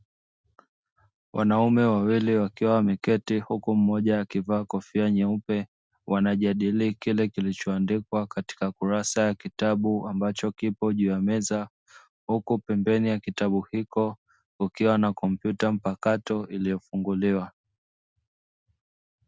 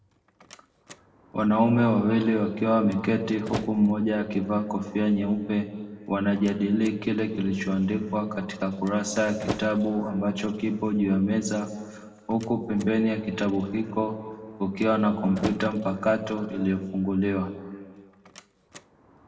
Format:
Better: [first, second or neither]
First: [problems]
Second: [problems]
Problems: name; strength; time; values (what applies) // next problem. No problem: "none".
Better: first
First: none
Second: background sound (Slam); 18 dB below the speech // room echo; dies away in 1.8 s